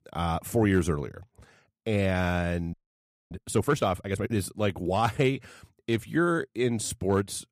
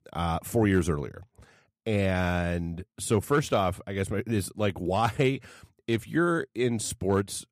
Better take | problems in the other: second | audio freezing; at 2.5 s for 0.5 s

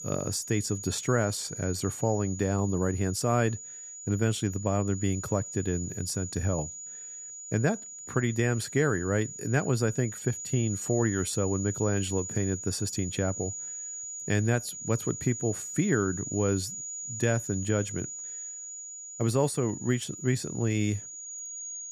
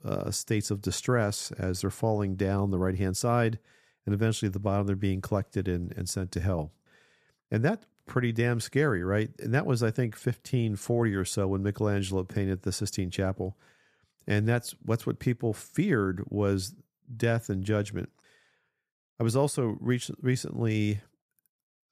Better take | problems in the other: second | high-pitched whine; loud; throughout; 7 kHz, 8 dB below the speech

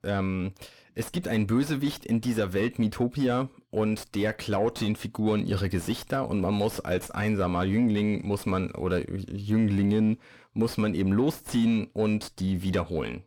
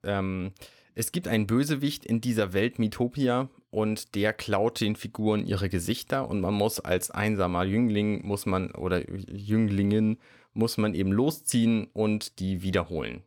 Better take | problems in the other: second | distortion; slight; 10 dB below the speech

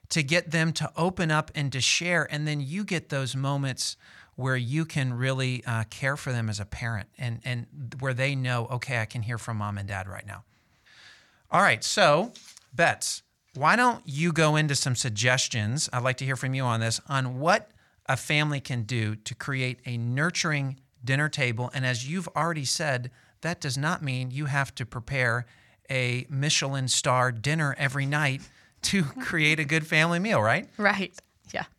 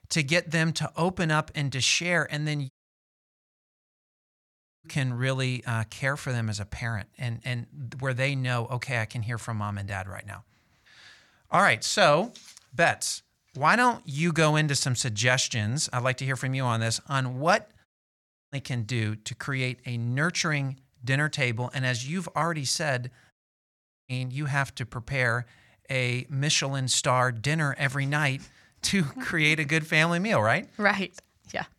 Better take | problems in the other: first | audio cutting out; at 2.5 s for 2 s, at 18 s for 0.5 s and at 23 s for 1 s

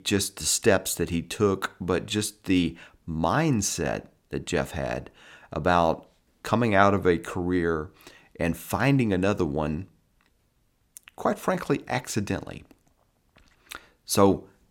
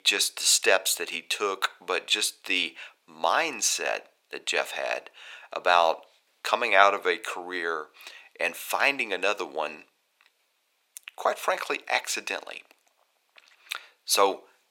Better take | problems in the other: first | thin; very; fading below 550 Hz

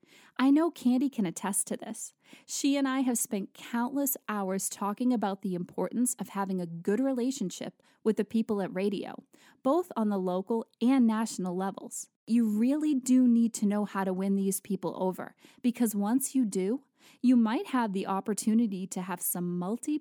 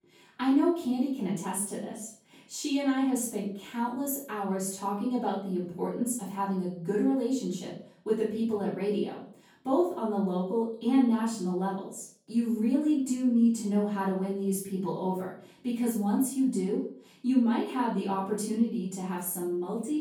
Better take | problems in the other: first | off-mic speech; far // room echo; noticeable; dies away in 0.5 s

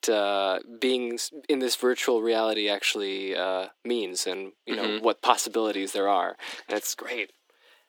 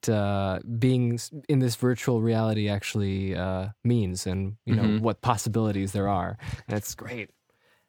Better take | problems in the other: second | thin; very; fading below 300 Hz

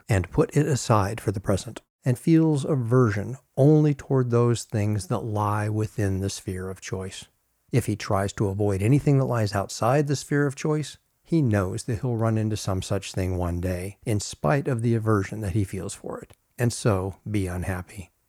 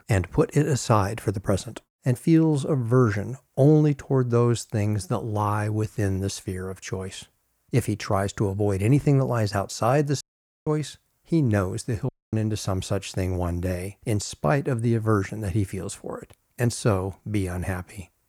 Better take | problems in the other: first | audio cutting out; at 10 s and at 12 s

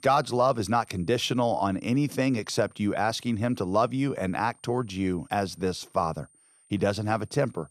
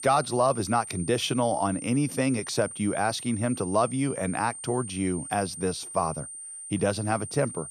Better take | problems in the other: first | high-pitched whine; loud; throughout; 9 kHz, 10 dB below the speech; faint in the first

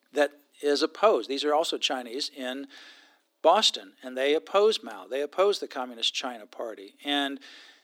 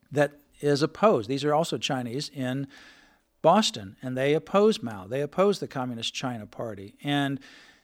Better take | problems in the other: second | thin; somewhat; fading below 300 Hz

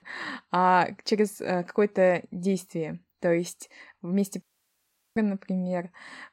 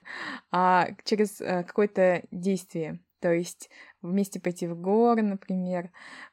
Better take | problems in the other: second | audio cutting out; at 4.5 s for 0.5 s

